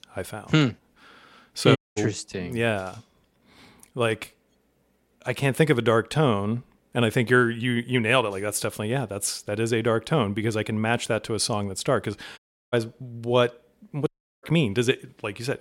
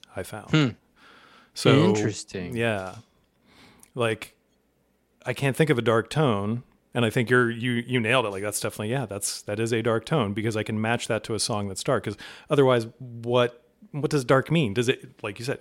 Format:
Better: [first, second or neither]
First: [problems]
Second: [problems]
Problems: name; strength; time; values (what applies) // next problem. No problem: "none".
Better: second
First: audio cutting out; at 2 s, at 12 s and at 14 s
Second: none